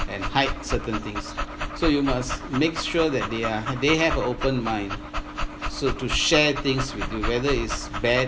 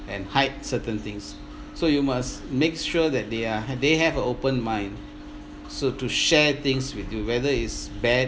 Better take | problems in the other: second | background sound (Dog); 6 dB below the speech

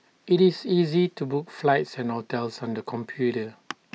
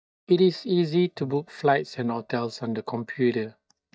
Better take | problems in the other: first | noise reduction (neural mask model DeepFilterNet 3)

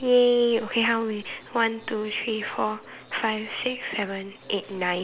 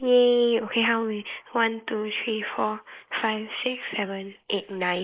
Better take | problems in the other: first | noise reduction (neural mask model Resemble Enhance denoiser)

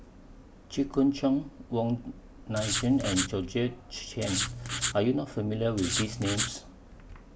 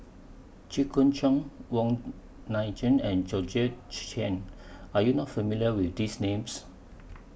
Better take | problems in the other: second | background sound (Writing); 3 dB below the speech

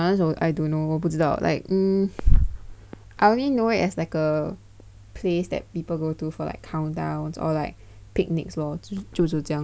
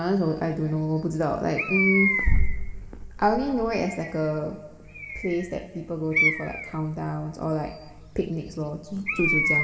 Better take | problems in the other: first | background sound (Bird); 5 dB below the speech // room echo; dies away in 2.1 s

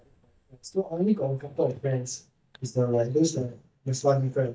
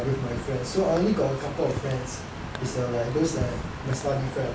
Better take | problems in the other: second | noise reduction (neural mask model DeepFilterNet 3)

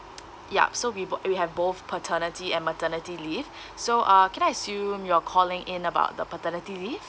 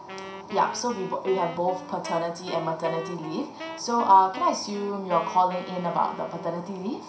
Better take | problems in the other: first | background sound (Wind instrument, woodwind instrument); 14 dB below the speech // room echo; dies away in 0.5 s

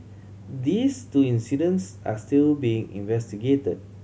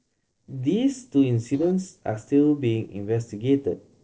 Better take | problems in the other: first | noise reduction (neural separator model SepFormer DNS4)

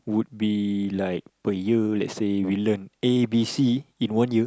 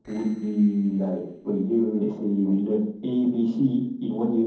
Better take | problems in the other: first | noise reduction (neural separator model SepFormer DNS4)

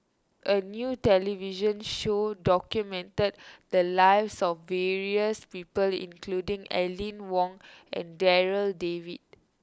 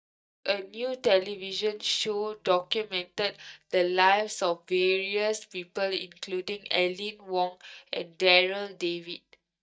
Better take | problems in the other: first | noise reduction (neural mask model DeepFilterNet 3)

